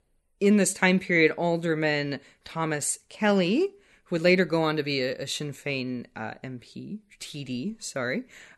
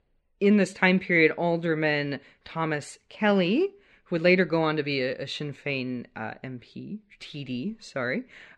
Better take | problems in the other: first | muffled; very slightly; fading above 3 kHz

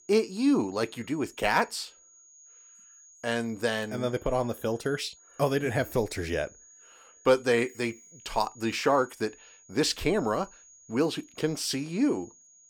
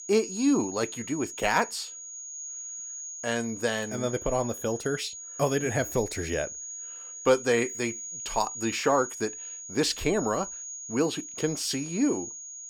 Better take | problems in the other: first | high-pitched whine; loud; throughout; 6.5 kHz, 8 dB below the speech; faint in the first

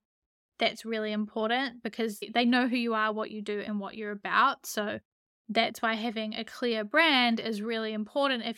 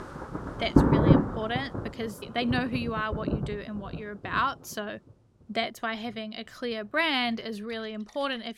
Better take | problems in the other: first | rain or running water; very loud; throughout; 4 dB above the speech

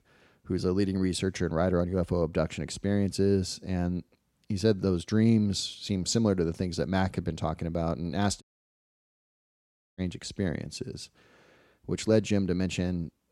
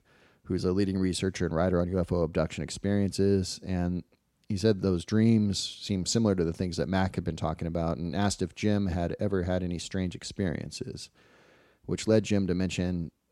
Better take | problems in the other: second | audio cutting out; at 8.5 s for 1.5 s

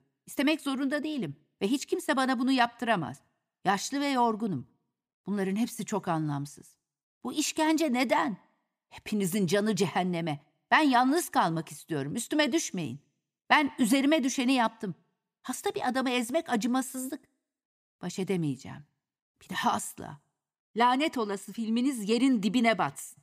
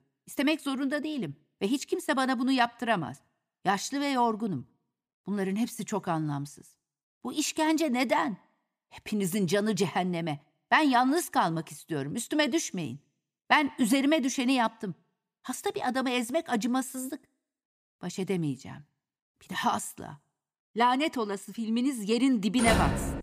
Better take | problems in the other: first | door banging; loud; at 23 s; peak 2 dB above the speech

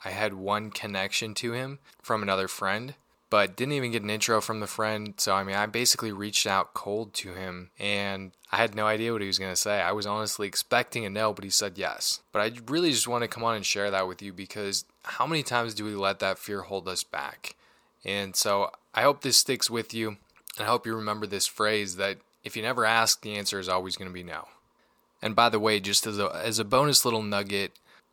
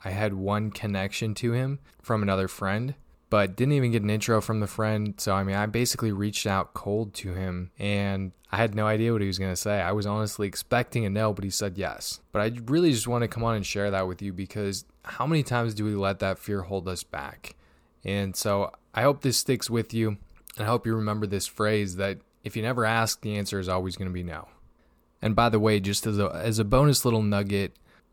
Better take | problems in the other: second | thin; somewhat; fading below 1 kHz

